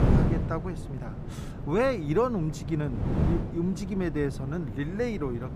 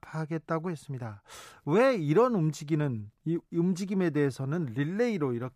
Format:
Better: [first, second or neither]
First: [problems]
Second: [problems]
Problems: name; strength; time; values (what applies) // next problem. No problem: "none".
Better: second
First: wind noise on the microphone; heavy; 8 dB below the speech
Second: none